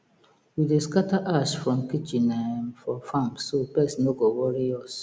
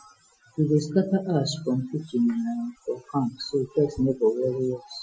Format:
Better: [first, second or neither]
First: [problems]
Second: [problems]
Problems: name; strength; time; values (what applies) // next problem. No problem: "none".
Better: first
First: none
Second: noise reduction (classical method Wiener filter)